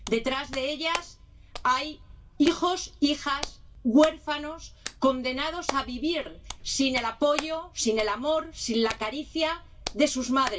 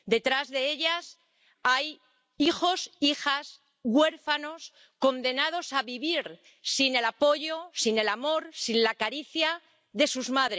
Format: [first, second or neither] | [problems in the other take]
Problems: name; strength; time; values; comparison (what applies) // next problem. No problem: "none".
second | background sound (Hands); 14 dB below the speech // room echo; dies away in 0.2 s